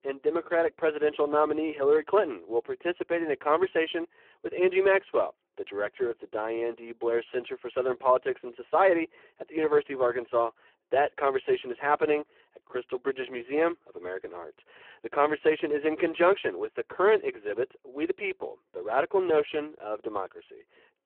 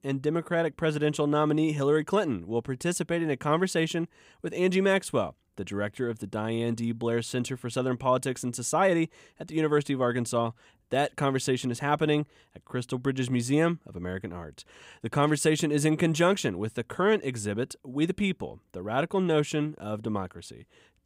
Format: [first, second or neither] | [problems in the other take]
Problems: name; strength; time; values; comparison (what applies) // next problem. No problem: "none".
second | phone-call audio; poor line